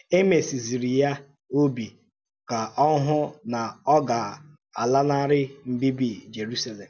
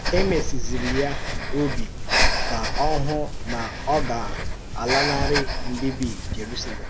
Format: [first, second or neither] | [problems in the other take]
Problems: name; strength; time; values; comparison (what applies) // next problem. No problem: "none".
first | background sound (Breathing); 3 dB above the speech